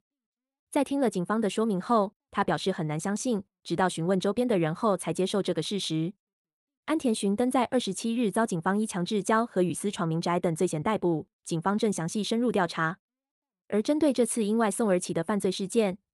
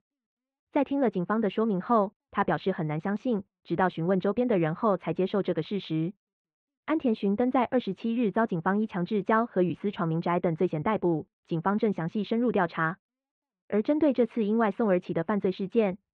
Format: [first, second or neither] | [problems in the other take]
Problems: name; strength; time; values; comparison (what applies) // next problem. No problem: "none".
first | muffled; very; fading above 3 kHz